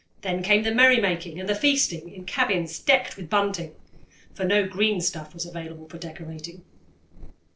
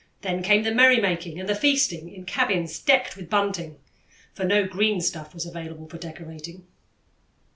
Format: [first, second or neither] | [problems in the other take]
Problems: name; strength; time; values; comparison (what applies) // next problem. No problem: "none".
second | noise reduction (neural separator model SepFormer DNS4)